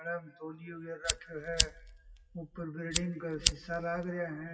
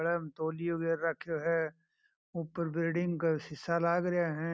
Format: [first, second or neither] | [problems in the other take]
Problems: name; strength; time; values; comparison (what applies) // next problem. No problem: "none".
second | noise reduction (classical method WPE with log-MMSE)